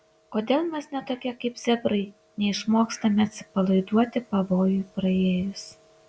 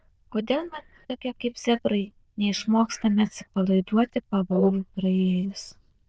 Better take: first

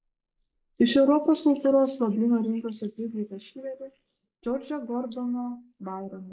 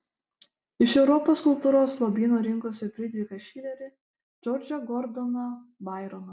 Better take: second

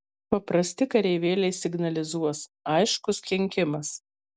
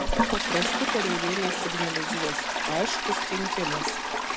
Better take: first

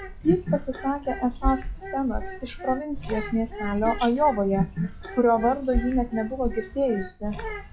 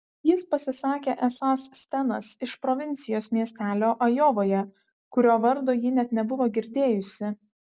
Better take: second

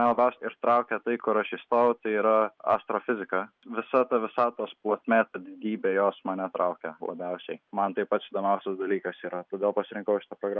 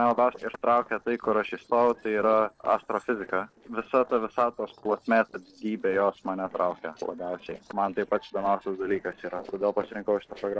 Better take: first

